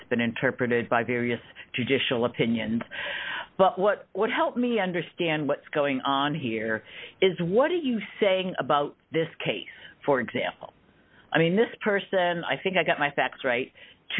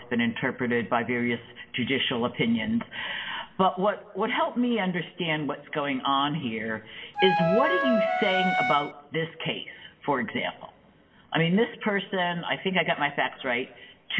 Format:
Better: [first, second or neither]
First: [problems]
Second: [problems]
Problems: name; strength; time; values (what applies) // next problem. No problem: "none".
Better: first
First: none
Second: background sound (Wind instrument, woodwind instrument); 2 dB above the speech // room echo; dies away in 1.3 s